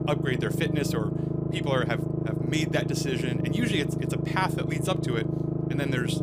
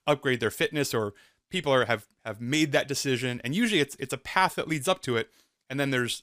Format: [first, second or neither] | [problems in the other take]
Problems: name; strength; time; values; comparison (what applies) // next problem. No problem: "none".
second | low rumble; loud; throughout; 4 dB below the speech